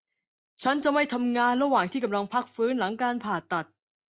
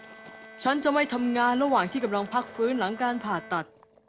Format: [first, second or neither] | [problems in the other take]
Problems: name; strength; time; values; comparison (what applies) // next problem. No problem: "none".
first | background sound (Fill (with liquid) + Bowed string instrument); 18 dB below the speech